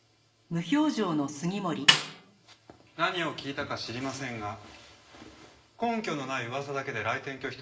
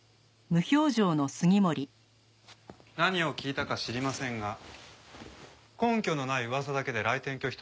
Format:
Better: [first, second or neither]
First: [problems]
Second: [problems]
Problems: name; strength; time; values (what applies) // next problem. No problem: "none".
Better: second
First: background sound (Snare drum); 5 dB above the speech // room echo; dies away in 0.7 s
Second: none